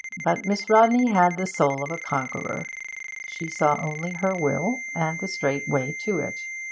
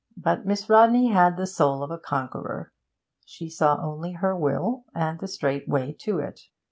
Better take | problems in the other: second | background sound (Ringtone); 10 dB below the speech

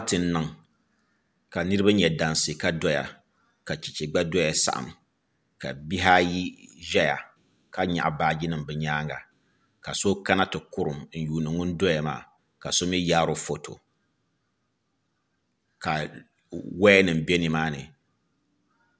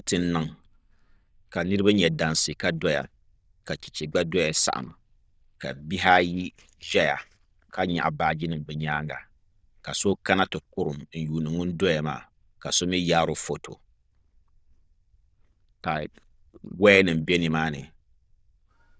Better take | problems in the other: first | noise reduction (neural diffusion model UNIVERSE++)

